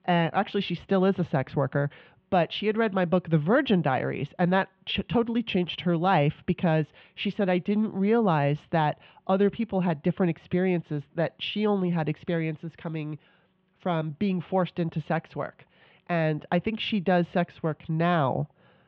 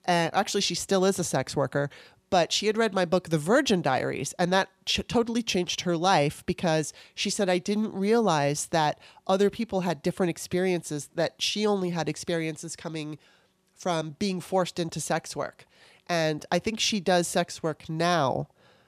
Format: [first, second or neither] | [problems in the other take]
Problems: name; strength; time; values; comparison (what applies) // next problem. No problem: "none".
second | muffled; very; fading above 3 kHz